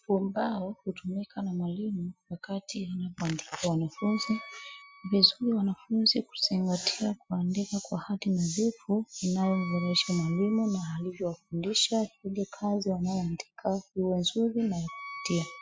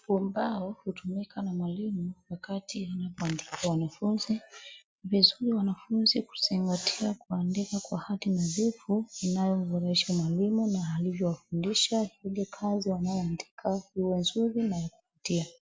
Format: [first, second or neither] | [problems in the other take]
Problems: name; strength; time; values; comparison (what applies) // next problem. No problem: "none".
second | noise reduction (classical method spectral subtraction)